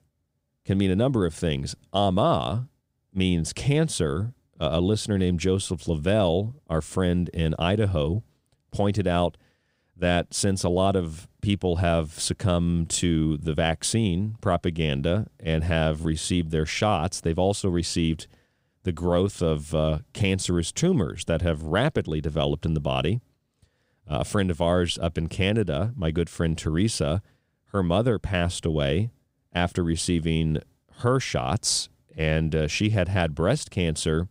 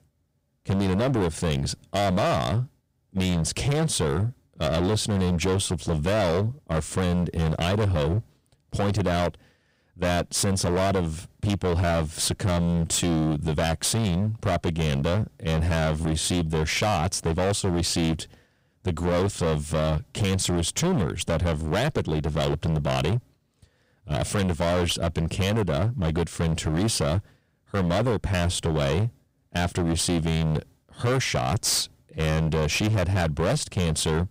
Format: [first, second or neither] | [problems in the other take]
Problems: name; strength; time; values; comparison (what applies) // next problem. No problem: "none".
first | distortion; heavy; 23% of the sound clipped